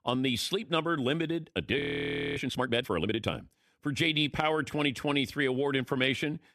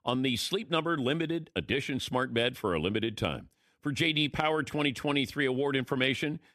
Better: second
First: audio freezing; at 2 s for 0.5 s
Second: none

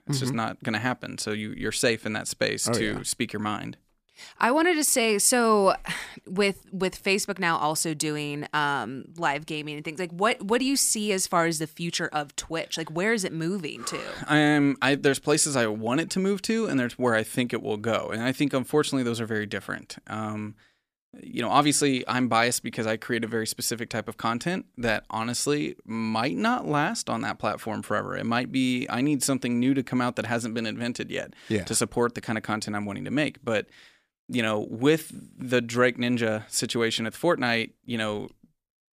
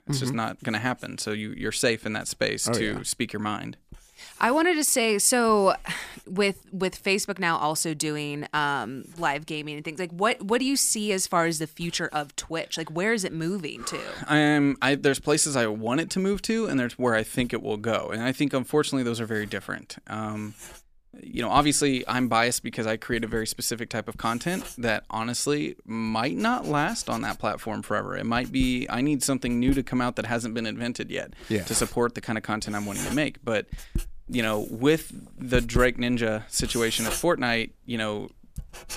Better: first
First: none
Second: household noises; noticeable; throughout; 15 dB below the speech

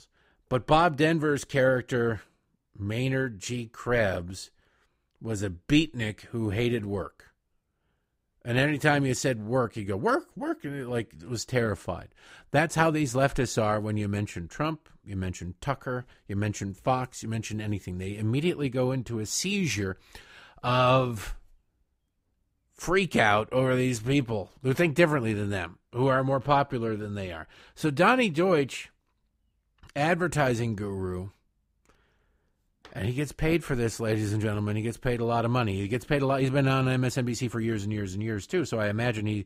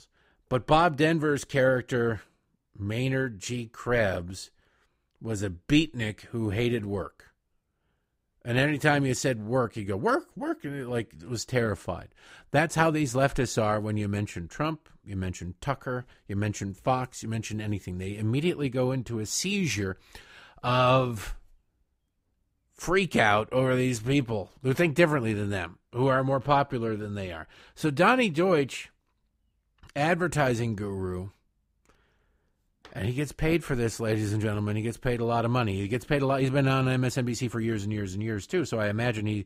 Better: neither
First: none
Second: none

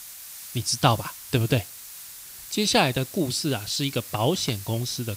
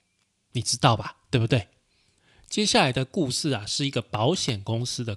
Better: second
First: hiss; noticeable; throughout; 15 dB below the speech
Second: none

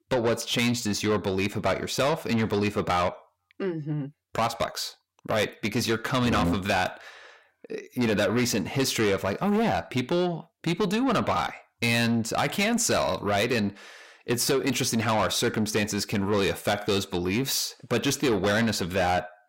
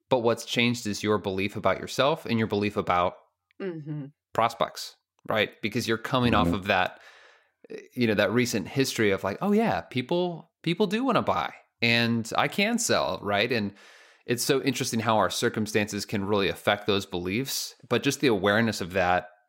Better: second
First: distortion; heavy; 8 dB below the speech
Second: none

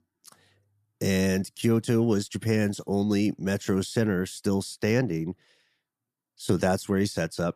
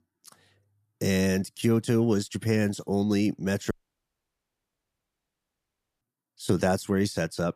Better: first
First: none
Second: audio cutting out; at 3.5 s for 2.5 s

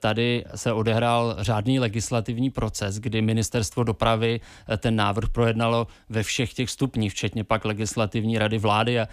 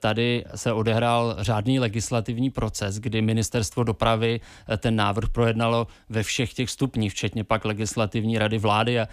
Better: neither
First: none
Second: none

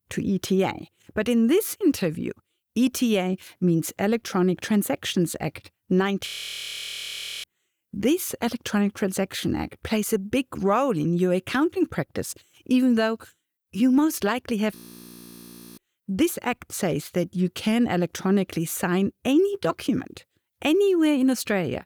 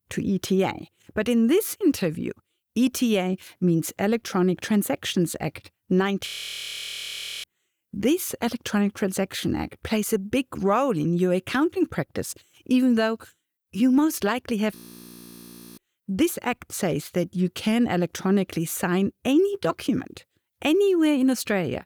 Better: neither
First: audio freezing; at 6.5 s for 1 s and at 15 s for 1 s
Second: audio freezing; at 6.5 s for 1 s and at 15 s for 1 s

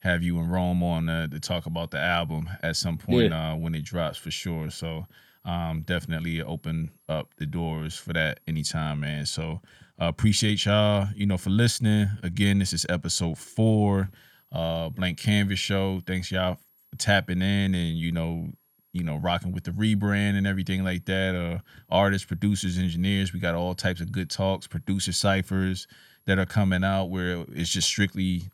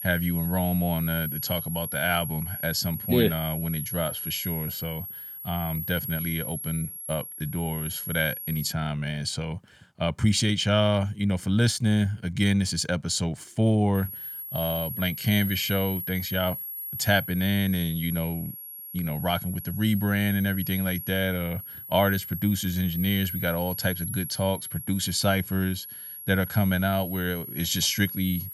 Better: first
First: high-pitched whine; faint; until 8.5 s and from 14 s on; 11.5 kHz, 35 dB below the speech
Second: high-pitched whine; loud; until 8.5 s and from 14 s on; 11.5 kHz, 7 dB below the speech

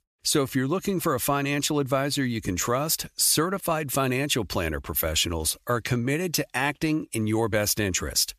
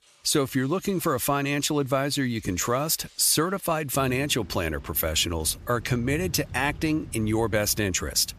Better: first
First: none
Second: rain or running water; noticeable; throughout; 20 dB below the speech

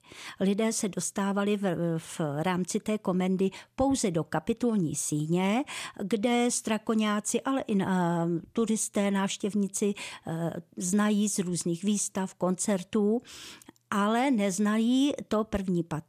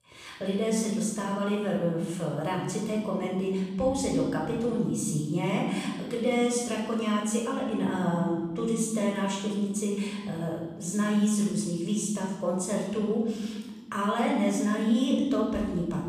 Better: first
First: none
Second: off-mic speech; far // room echo; noticeable; dies away in 1.3 s

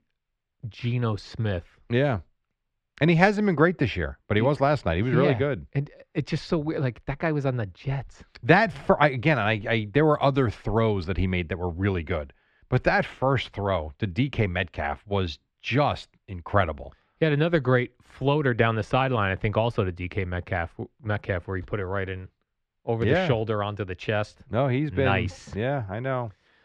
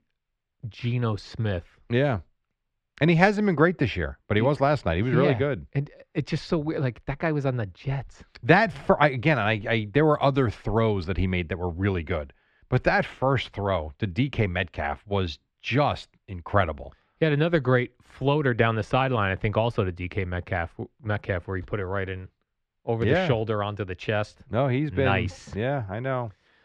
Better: neither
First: muffled; slightly; fading above 2.5 kHz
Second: muffled; slightly; fading above 2.5 kHz

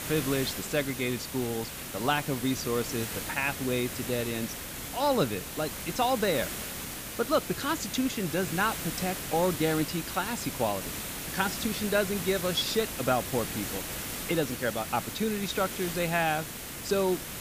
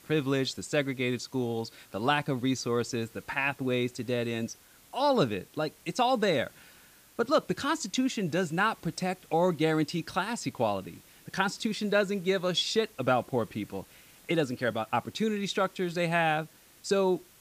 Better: second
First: hiss; loud; throughout; 5 dB below the speech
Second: hiss; faint; throughout; 25 dB below the speech

